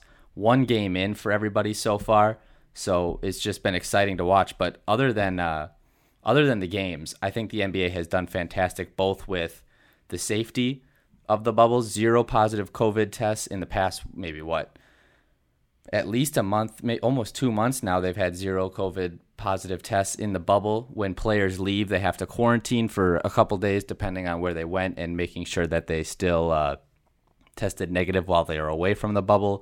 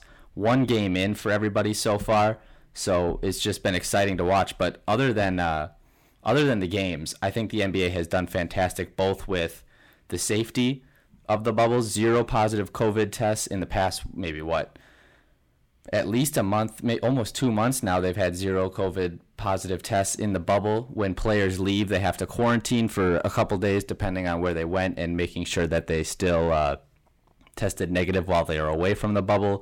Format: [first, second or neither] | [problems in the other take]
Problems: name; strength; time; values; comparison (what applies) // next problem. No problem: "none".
first | distortion; slight; 10 dB below the speech